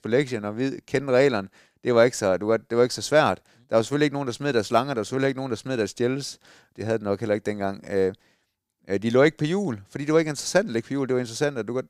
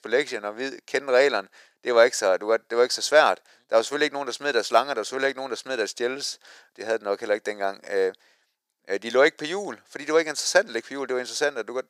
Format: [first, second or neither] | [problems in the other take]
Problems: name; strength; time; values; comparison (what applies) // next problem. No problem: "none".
first | thin; somewhat; fading below 550 Hz